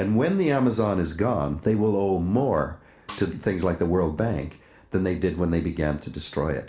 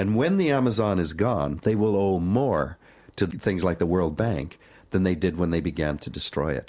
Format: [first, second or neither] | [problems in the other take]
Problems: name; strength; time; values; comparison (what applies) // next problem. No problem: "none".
second | background sound (Snare drum); 19 dB below the speech // room echo; dies away in 0.4 s